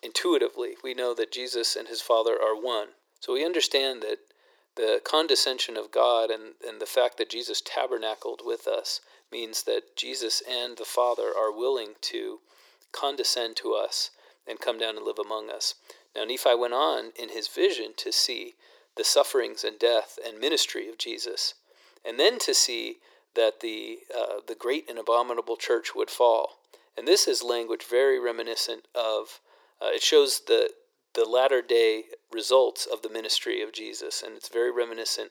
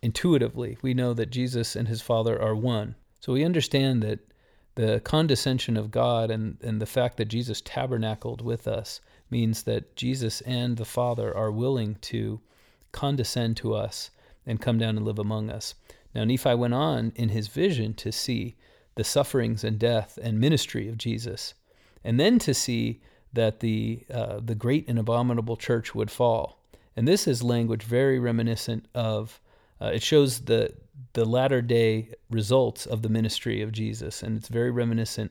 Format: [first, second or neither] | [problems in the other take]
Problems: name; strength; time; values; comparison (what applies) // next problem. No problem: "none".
second | thin; very; fading below 350 Hz